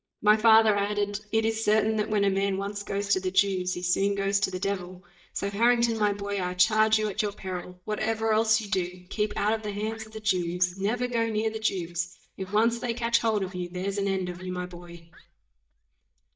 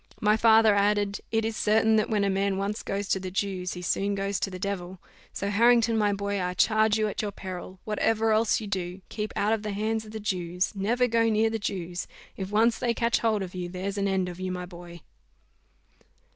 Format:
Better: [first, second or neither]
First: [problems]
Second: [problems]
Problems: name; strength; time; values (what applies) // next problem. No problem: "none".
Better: second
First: noise reduction (neural mask model DeepFilterNet 3)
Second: none